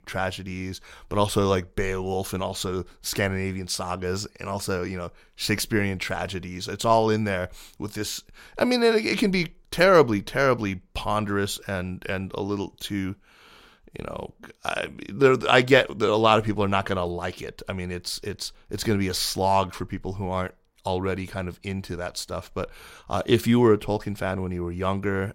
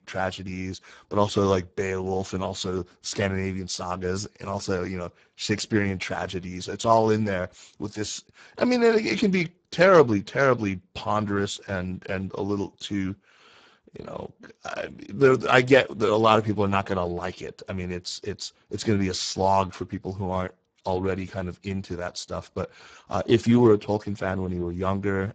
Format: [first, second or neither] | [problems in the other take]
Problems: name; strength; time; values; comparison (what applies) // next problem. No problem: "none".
first | garbled, watery; badly; nothing above 7.5 kHz